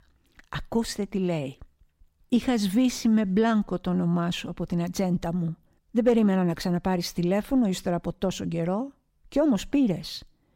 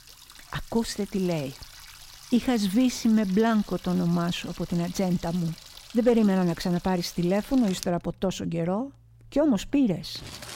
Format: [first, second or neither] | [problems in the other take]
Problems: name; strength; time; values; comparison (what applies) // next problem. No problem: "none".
first | household noises; noticeable; throughout; 20 dB below the speech